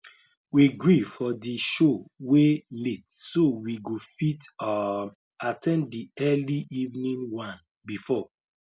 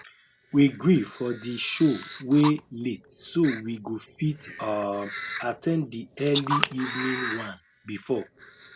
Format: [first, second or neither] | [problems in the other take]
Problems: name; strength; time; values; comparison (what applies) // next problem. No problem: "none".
first | background sound (Camera); 10 dB below the speech